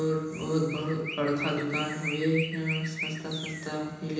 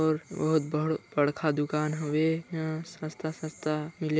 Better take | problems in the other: second | background sound (Chirp, tweet); 9 dB below the speech // room echo; dies away in 1.1 s

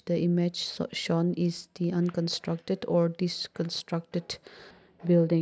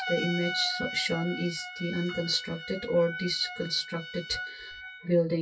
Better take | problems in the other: first | noise reduction (classical method WPE with log-MMSE)

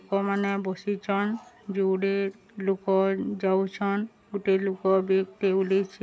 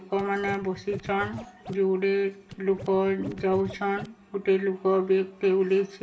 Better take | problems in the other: first | background sound (Scratching (performance technique)); 16 dB below the speech // room echo; dies away in 0.4 s

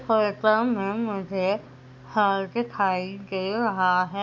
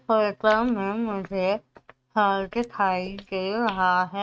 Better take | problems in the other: first | noise reduction (neural mask model RNNoise)

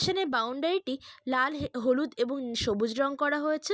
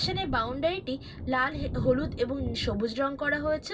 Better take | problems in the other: first | background sound (Thunder); 8 dB below the speech // room echo; dies away in 0.4 s

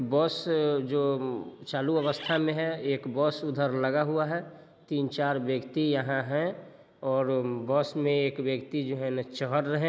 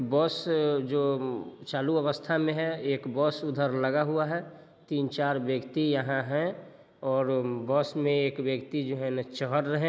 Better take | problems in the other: second | background sound (Bird); 11 dB below the speech

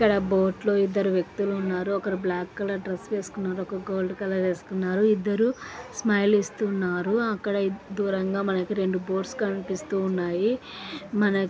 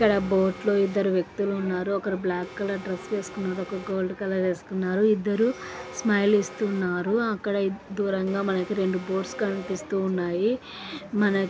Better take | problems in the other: first | background sound (Alarm); 19 dB below the speech

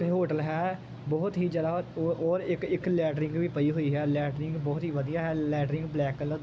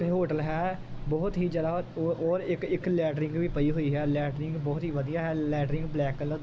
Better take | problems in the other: first | background sound (Meow / Purr); 11 dB below the speech

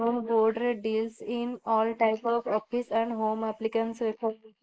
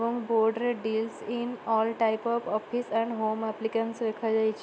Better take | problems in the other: second | noise reduction (neural mask model Resemble Enhance denoiser)

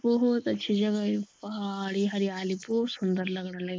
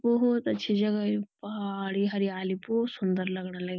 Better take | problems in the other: second | noise reduction (neural mask model Resemble Enhance denoiser)

